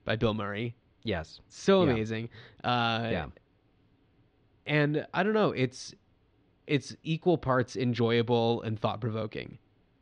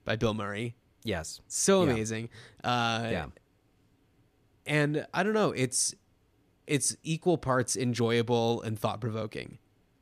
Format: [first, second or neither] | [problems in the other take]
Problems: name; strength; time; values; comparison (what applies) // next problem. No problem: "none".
second | muffled; slightly; fading above 4 kHz